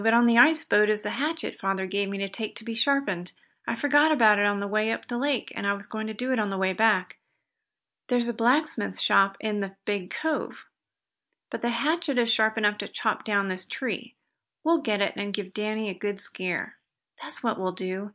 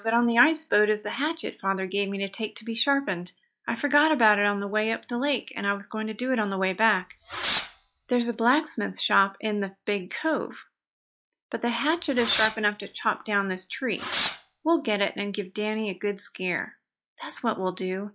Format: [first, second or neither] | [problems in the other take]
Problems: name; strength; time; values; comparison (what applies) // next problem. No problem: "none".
first | noise reduction (classical method log-MMSE)